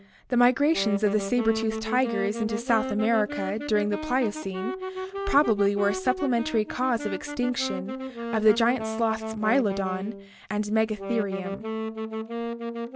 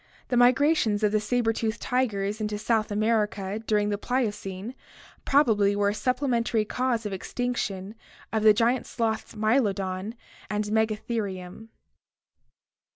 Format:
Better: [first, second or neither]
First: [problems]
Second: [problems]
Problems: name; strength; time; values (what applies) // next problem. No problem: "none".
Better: second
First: background sound (Wind instrument, woodwind instrument); 7 dB below the speech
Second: none